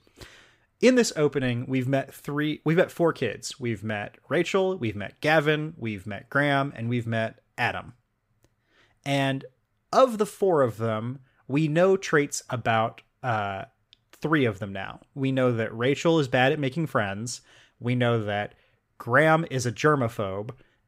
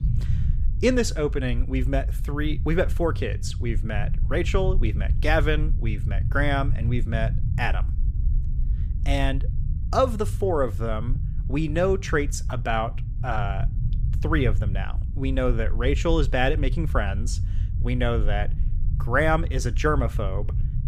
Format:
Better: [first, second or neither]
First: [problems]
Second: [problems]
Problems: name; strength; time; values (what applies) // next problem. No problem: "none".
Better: first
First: none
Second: low rumble; noticeable; throughout; 15 dB below the speech